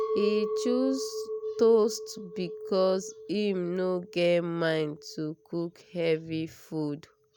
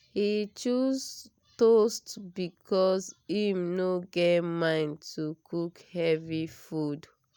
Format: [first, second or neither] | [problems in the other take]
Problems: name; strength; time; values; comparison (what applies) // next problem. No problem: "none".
second | background sound (Chink, clink); 8 dB below the speech